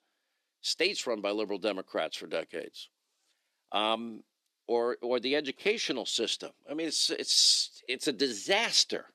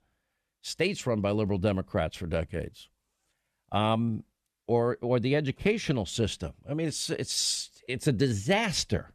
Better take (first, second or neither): second